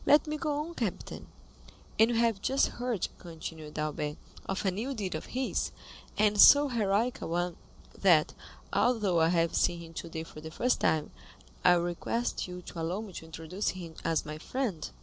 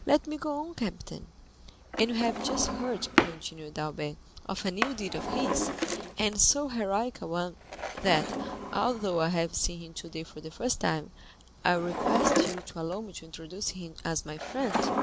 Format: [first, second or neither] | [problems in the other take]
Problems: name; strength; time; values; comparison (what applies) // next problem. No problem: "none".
first | background sound (Drawer open or close); 3 dB below the speech